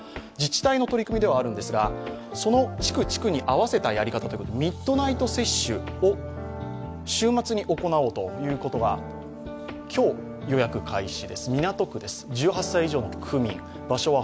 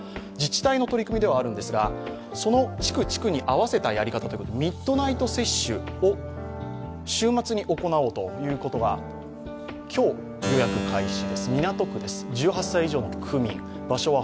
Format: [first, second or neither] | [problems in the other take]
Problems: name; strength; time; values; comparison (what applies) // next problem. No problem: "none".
first | background sound (Keyboard (musical)); 12 dB below the speech